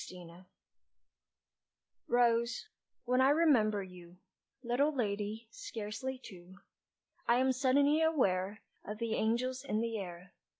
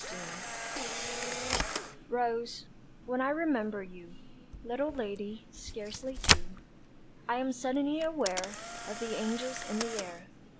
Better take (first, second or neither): first